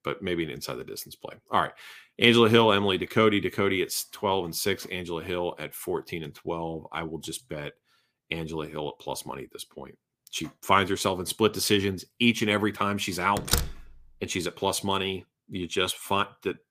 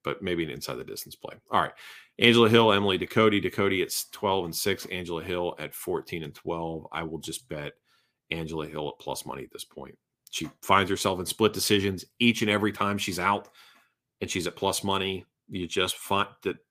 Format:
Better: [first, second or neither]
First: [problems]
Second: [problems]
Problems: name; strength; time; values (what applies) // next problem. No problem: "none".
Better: second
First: door banging; noticeable; at 13 s; peak level with the speech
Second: none